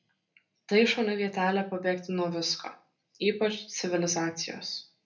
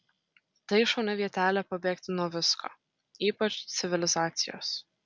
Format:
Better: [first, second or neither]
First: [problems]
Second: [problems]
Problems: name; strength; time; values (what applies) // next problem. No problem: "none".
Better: second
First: room echo; dies away in 0.3 s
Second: none